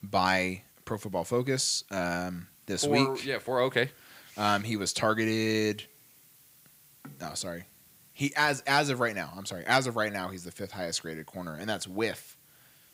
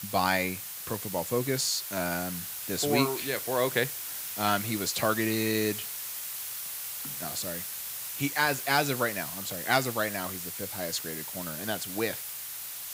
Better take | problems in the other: first | hiss; loud; throughout; 5 dB below the speech; faint in the first

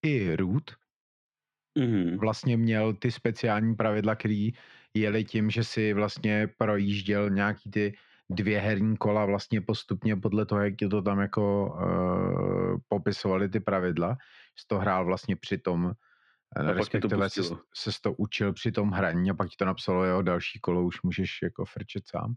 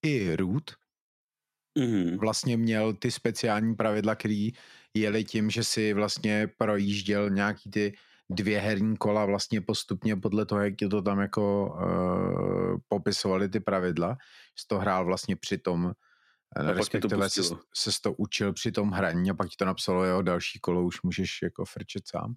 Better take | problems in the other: second | muffled; slightly; fading above 3 kHz

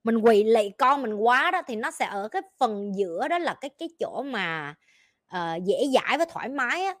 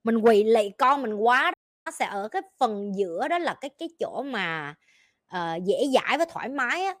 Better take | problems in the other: first | audio cutting out; at 1.5 s

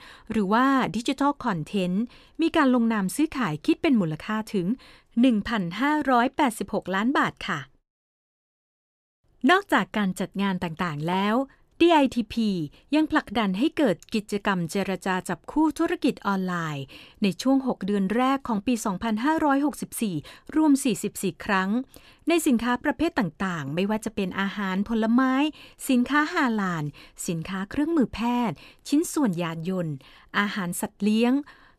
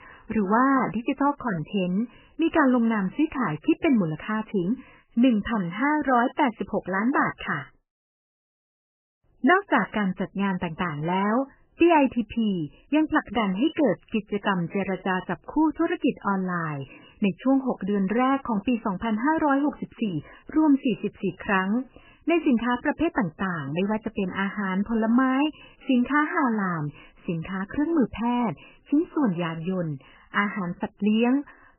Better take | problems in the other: first | garbled, watery; badly; nothing above 3 kHz

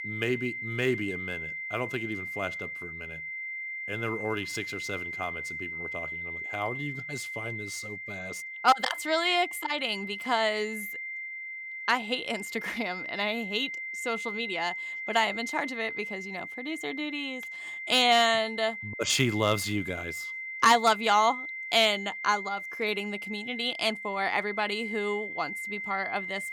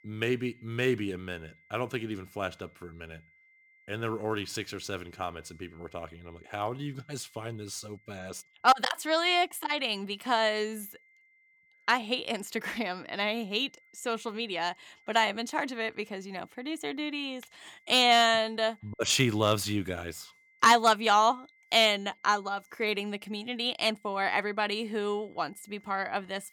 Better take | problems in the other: second | high-pitched whine; loud; throughout; 2 kHz, 7 dB below the speech; faint in the second

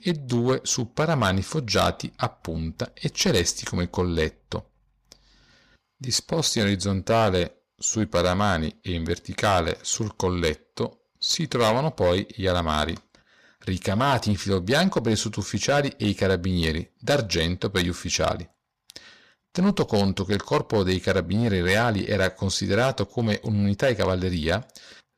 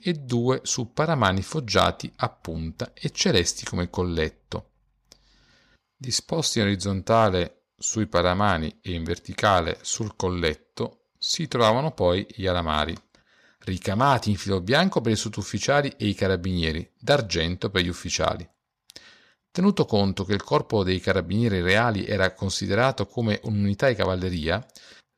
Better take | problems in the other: second | distortion; slight; 5% of the sound clipped

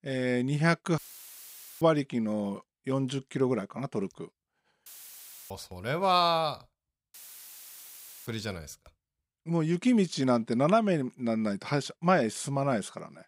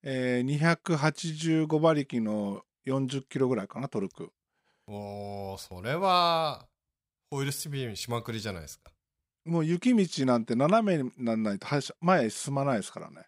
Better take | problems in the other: second | audio cutting out; filled with static; at 1 s for 1 s, at 5 s for 0.5 s and at 7 s for 1 s

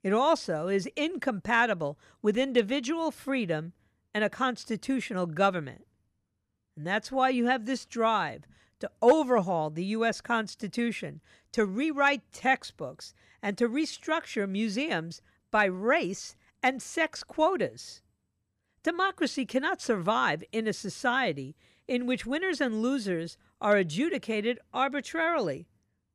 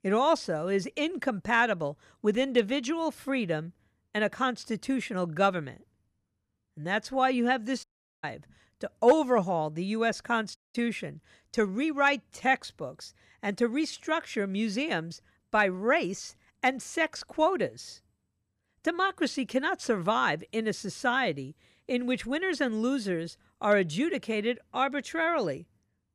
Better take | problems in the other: first | audio cutting out; at 8 s and at 11 s

